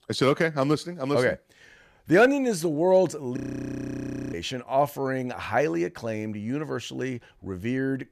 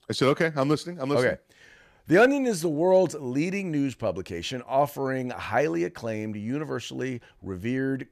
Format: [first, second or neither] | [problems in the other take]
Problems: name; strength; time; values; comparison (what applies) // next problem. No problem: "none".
second | audio freezing; at 3.5 s for 1 s